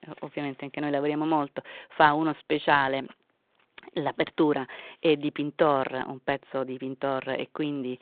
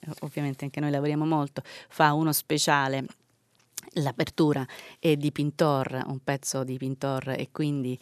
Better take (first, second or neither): second